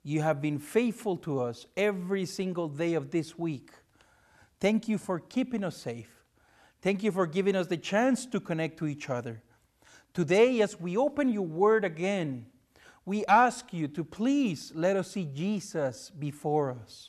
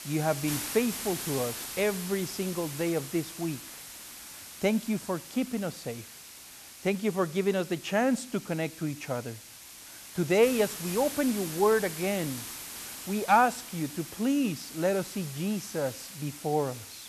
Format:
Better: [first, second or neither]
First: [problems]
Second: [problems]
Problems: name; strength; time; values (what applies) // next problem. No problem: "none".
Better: first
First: none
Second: hiss; loud; throughout; 10 dB below the speech